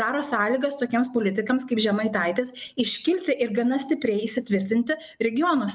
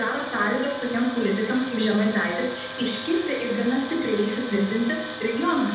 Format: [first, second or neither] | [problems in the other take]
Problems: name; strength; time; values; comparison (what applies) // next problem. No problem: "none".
first | background sound (Tools); 11 dB below the speech // room echo; dies away in 0.8 s